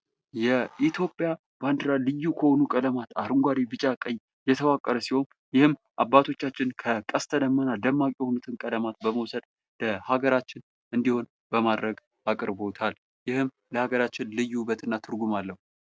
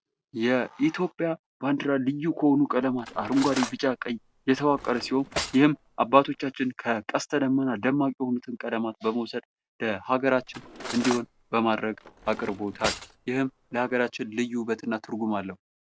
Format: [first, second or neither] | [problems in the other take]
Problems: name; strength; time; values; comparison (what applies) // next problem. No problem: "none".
first | background sound (Cutlery, silverware); 12 dB below the speech